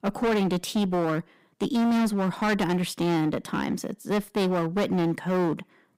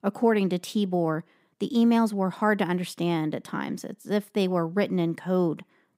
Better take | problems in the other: second | distortion; heavy; 20% of the sound clipped

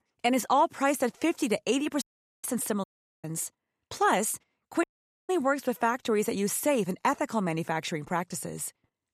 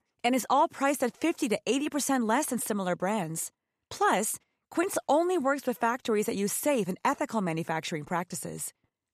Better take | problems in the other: second | audio cutting out; at 2 s, at 3 s and at 5 s

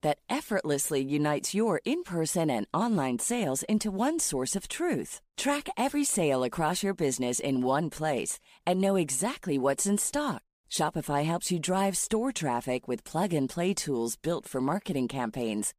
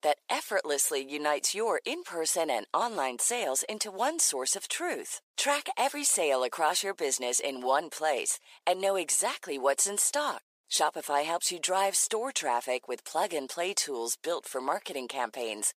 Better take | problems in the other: first | thin; very; fading below 500 Hz

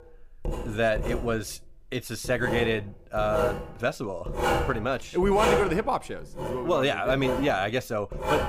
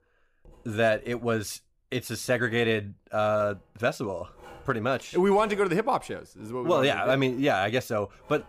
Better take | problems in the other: second | household noises; loud; throughout; 3 dB below the speech; faint in the second

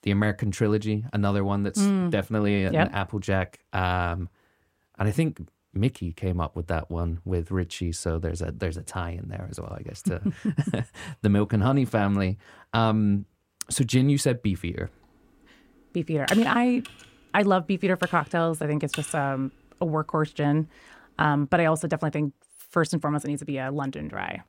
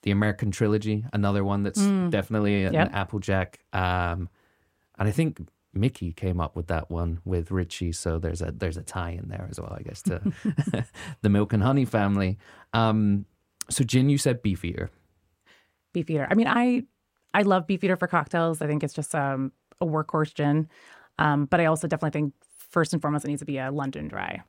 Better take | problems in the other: second | keyboard typing; noticeable; from 16 to 19 s; peak 6 dB below the speech

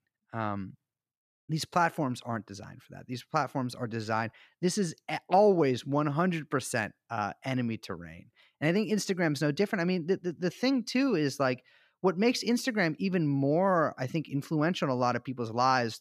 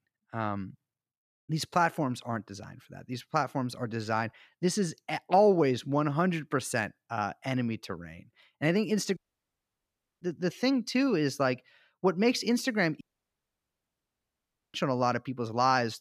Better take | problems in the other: first | audio cutting out; at 9 s for 1 s and at 13 s for 1.5 s

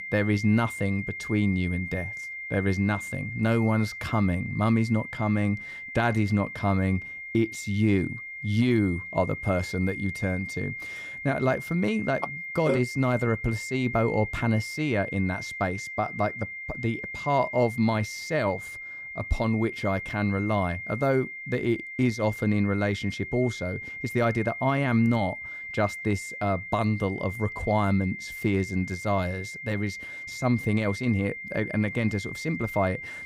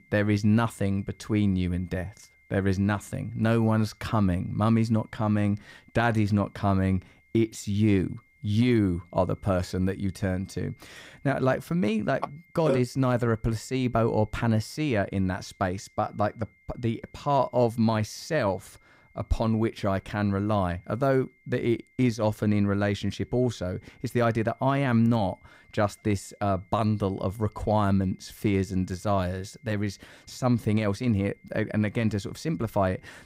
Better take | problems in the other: second | high-pitched whine; loud; throughout; 2 kHz, 8 dB below the speech; faint in the second

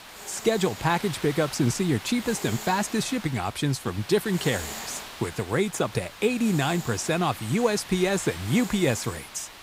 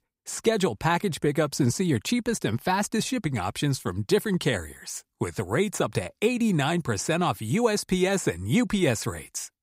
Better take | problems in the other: second | hiss; noticeable; throughout; 10 dB below the speech

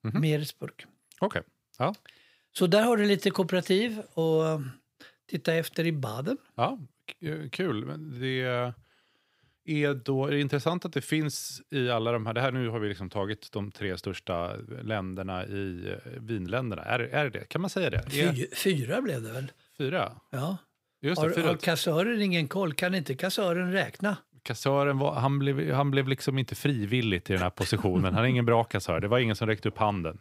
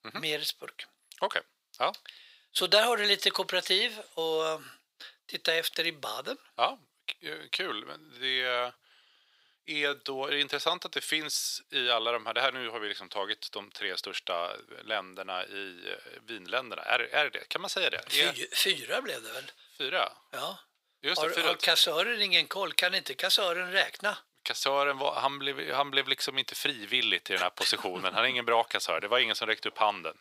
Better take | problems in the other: first | thin; very; fading below 650 Hz

